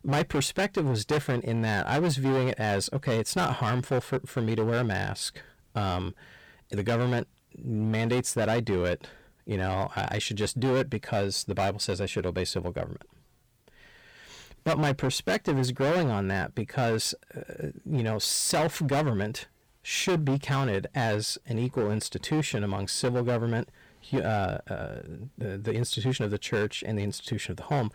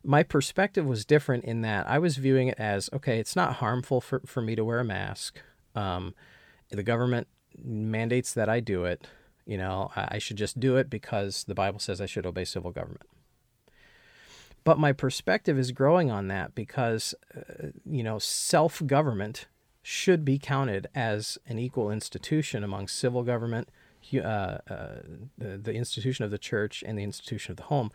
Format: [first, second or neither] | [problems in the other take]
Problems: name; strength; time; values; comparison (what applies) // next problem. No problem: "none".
second | distortion; heavy; 12% of the sound clipped